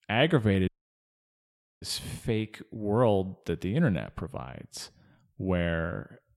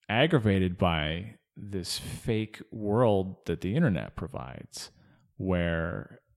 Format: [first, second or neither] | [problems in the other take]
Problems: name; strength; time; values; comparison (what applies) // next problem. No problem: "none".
second | audio cutting out; at 0.5 s for 1 s